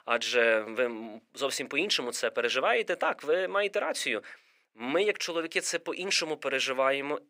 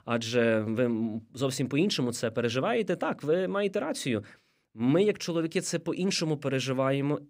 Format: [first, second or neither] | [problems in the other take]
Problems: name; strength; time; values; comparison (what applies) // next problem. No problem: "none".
second | thin; very; fading below 600 Hz